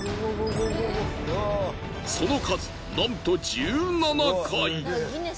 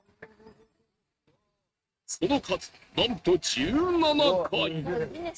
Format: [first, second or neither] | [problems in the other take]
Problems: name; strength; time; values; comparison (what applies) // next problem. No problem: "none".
first | noise reduction (neural mask model RNNoise)